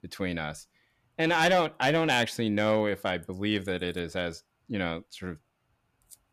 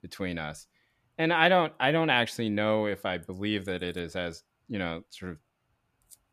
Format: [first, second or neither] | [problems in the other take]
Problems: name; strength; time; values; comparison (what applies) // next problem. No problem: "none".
second | distortion; slight; 3% of the sound clipped